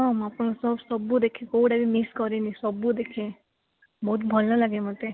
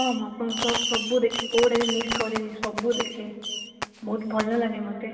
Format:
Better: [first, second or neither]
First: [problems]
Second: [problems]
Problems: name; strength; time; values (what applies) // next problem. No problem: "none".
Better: first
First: none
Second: background sound (Fireworks); 5 dB below the speech // room echo; dies away in 2.2 s